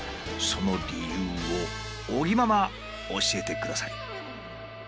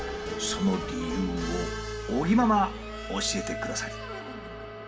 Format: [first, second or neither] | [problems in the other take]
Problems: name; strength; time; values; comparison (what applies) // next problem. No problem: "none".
first | background sound (Wind instrument, woodwind instrument); 12 dB below the speech // room echo; dies away in 1.1 s